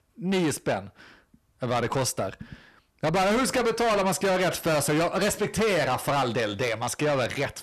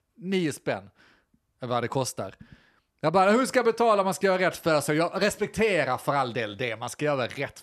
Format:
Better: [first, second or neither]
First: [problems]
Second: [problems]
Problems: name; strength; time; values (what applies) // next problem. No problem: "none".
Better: second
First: distortion; heavy; 6 dB below the speech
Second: none